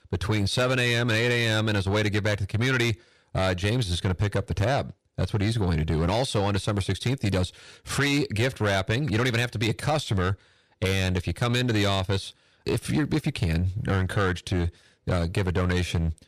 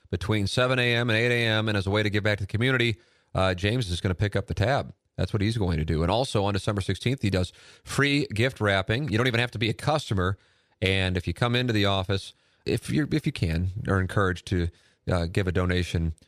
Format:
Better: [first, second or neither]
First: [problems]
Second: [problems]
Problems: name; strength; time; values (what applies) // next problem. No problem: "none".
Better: second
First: distortion; slight; 10 dB below the speech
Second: none